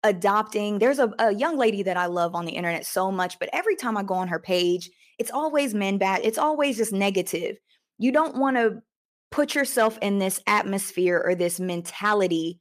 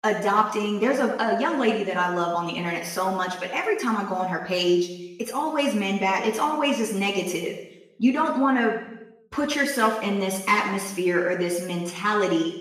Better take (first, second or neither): first